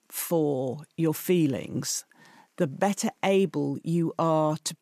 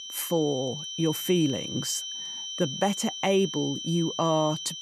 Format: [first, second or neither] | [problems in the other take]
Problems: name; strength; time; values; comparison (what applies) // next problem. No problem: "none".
first | high-pitched whine; loud; throughout; 3 kHz, 6 dB below the speech